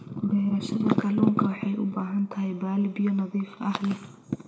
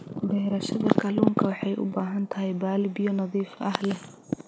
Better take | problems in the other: second | room echo; dies away in 0.9 s

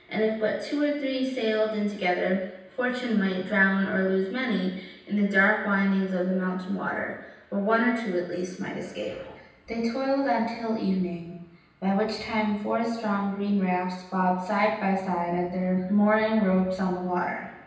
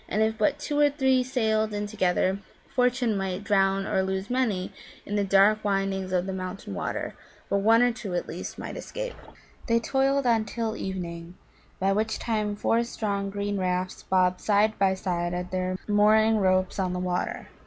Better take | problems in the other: second | room echo; dies away in 0.9 s

